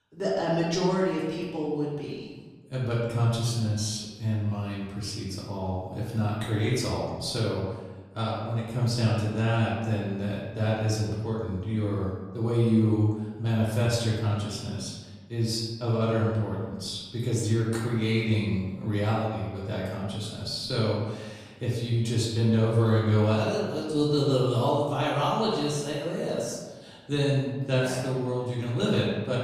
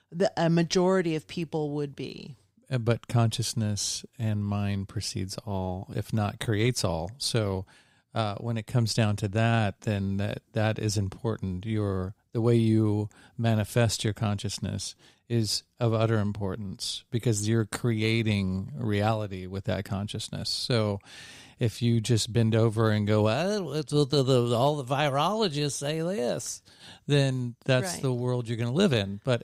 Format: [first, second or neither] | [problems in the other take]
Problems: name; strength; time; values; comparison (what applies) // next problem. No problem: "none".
second | room echo; noticeable; dies away in 1.1 s // off-mic speech; far